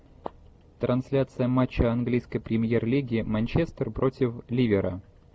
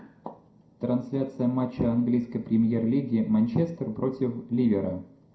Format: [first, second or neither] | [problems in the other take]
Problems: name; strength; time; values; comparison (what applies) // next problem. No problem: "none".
first | room echo; dies away in 0.4 s